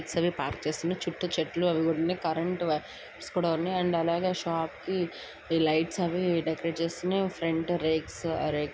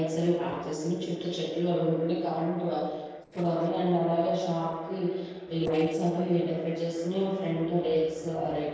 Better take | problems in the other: first | noise reduction (neural separator model SepFormer DNS4)

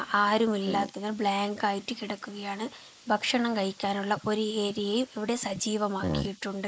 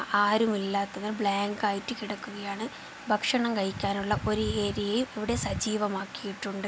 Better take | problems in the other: second | noise reduction (neural mask model Resemble Enhance denoiser)

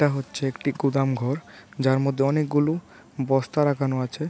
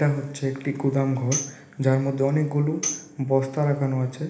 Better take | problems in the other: first | background sound (Tambourine); 12 dB below the speech // room echo; dies away in 1 s

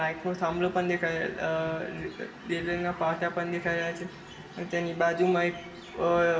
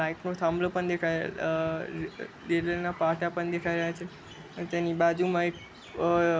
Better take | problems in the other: second | room echo; dies away in 0.9 s

